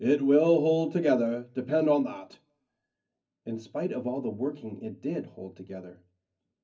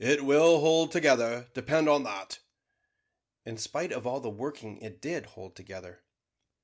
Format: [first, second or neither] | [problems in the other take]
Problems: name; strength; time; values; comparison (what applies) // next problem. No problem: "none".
second | room echo; dies away in 0.4 s